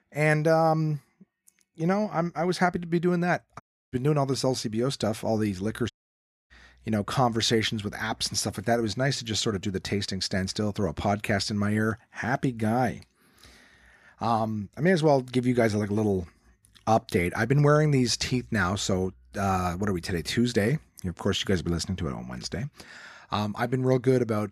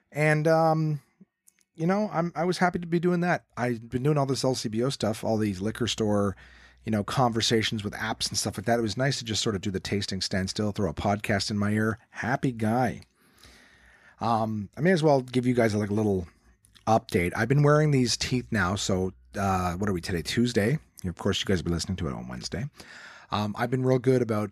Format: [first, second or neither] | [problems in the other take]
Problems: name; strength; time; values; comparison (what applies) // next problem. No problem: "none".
second | audio cutting out; at 3.5 s and at 6 s for 0.5 s